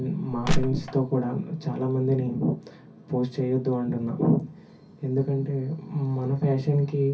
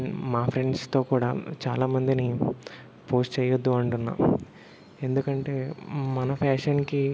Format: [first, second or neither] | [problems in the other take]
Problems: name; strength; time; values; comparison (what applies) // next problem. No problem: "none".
second | background sound (Crushing); 1 dB above the speech // room echo; dies away in 0.3 s